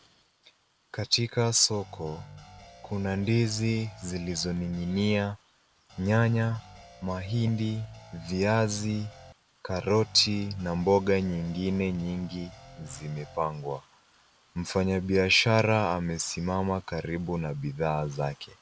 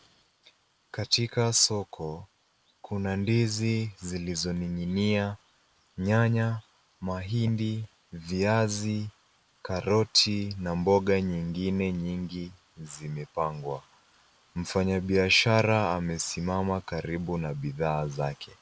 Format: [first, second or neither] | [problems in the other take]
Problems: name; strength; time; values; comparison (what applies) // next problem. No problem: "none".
second | background sound (Guitar); 19 dB below the speech